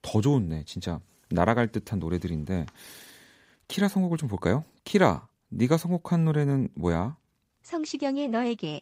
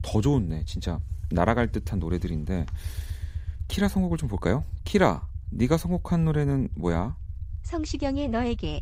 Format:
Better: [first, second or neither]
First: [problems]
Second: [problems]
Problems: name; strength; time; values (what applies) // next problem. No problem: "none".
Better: first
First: none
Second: low rumble; faint; throughout; 25 dB below the speech